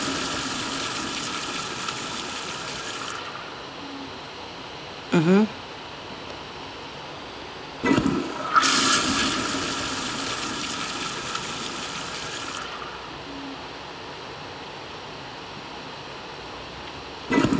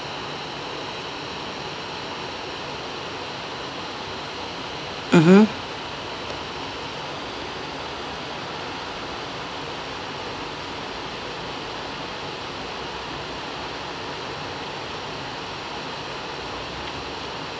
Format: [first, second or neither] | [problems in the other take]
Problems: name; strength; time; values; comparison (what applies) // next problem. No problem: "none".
second | background sound (Toilet flush / Gurgling); 3 dB above the speech